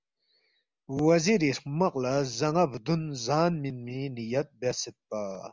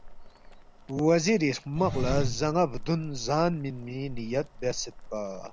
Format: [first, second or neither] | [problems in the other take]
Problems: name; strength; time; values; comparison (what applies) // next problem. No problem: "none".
first | background sound (Engine + Boiling); 8 dB below the speech